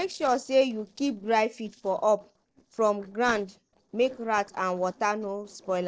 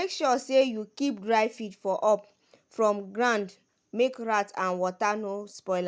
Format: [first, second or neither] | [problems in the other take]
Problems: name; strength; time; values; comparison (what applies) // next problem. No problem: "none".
second | noise reduction (neural separator model SepFormer DNS4)